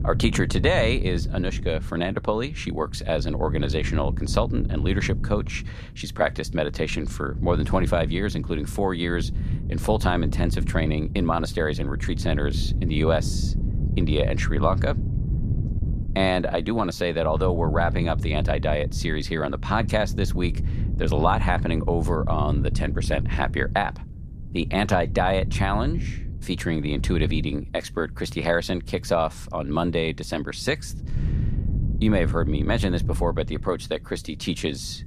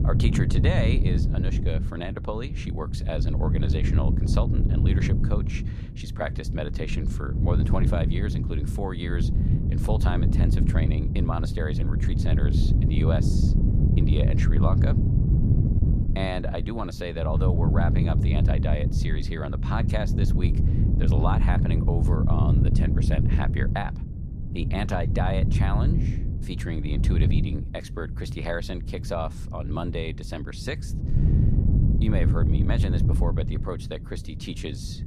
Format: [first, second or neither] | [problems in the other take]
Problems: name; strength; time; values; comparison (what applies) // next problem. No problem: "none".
first | wind noise on the microphone; heavy; 3 dB below the speech; occasional gusts in the first